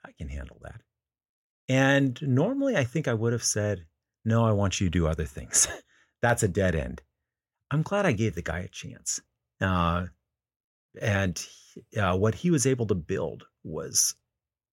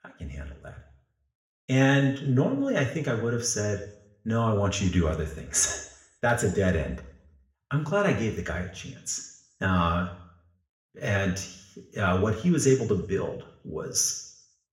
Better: first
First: none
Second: room echo; slight; dies away in 0.6 s

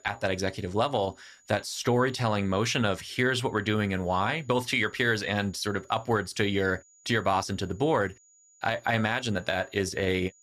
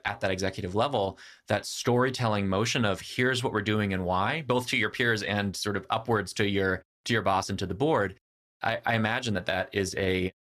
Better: second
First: high-pitched whine; faint; throughout; 7 kHz, 30 dB below the speech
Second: none

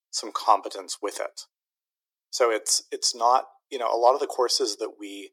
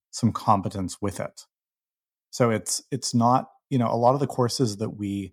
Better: second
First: thin; very; fading below 350 Hz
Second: none

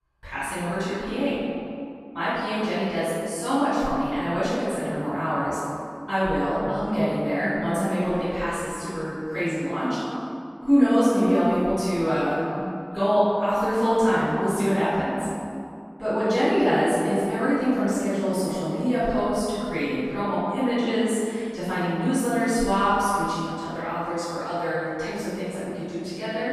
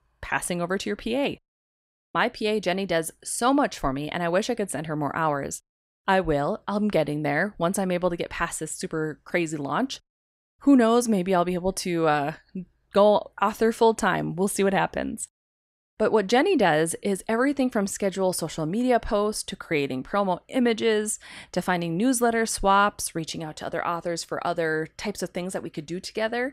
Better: second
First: off-mic speech; far // room echo; strong; dies away in 2.2 s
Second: none

